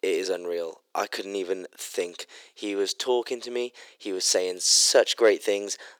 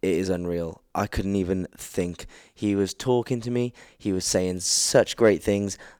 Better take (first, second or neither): second